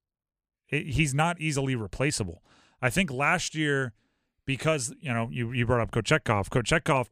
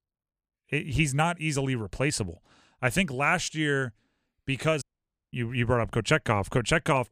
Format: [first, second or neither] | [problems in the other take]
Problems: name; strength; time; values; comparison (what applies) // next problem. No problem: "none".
first | audio cutting out; at 5 s for 0.5 s